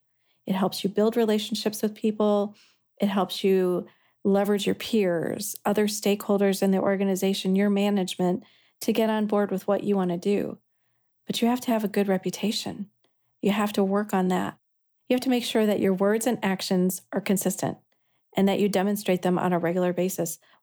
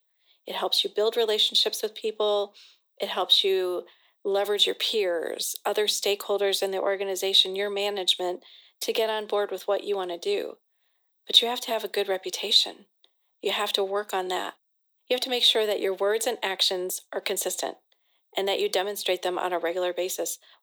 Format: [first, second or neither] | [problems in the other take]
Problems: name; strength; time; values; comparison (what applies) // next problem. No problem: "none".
first | thin; very; fading below 400 Hz